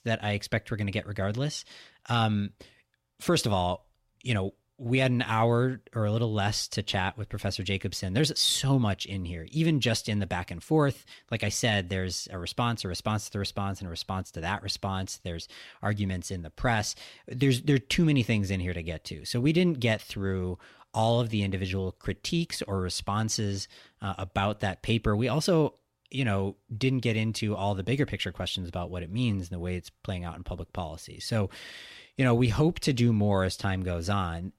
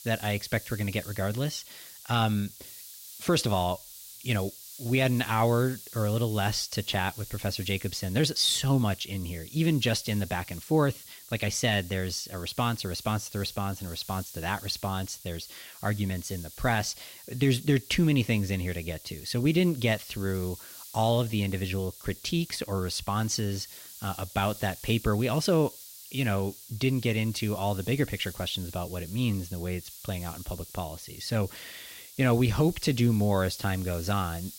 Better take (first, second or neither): first